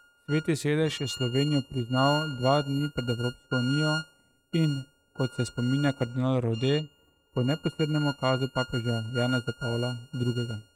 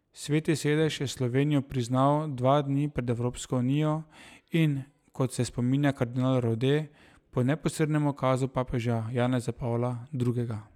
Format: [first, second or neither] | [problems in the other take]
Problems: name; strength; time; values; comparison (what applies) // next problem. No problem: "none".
second | noise reduction (neural mask model RNNoise)